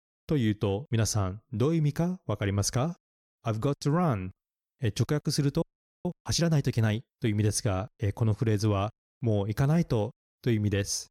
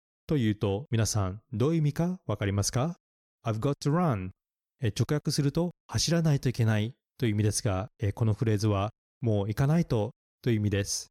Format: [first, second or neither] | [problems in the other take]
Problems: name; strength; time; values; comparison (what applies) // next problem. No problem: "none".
second | audio freezing; at 5.5 s